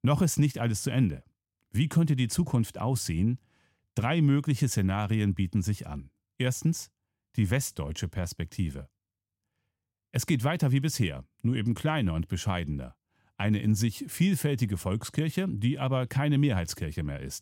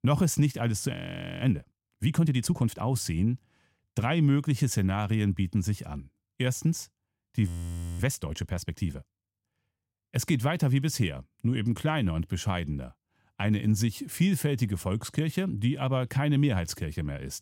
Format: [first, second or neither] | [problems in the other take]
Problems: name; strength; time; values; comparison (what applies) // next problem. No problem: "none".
first | audio freezing; at 1 s and at 7.5 s for 0.5 s